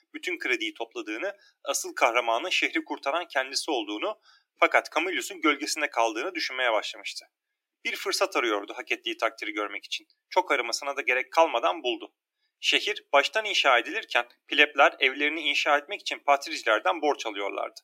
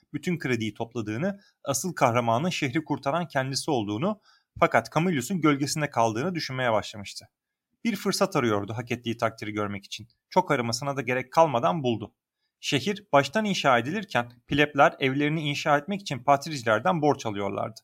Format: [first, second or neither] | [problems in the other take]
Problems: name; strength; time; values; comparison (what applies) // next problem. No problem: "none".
second | thin; very; fading below 300 Hz